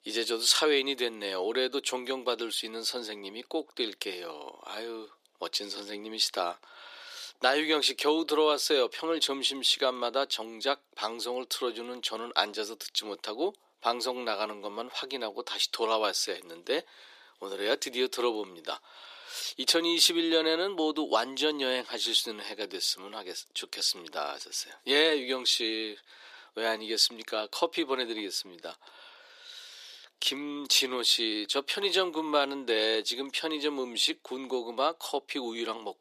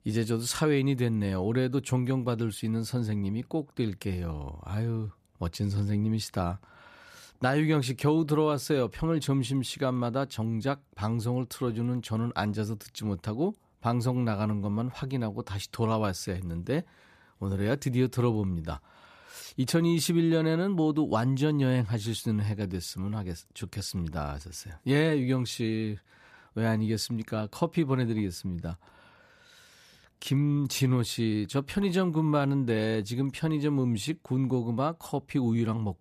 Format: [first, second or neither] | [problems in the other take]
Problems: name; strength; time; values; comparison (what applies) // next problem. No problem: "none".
second | thin; very; fading below 350 Hz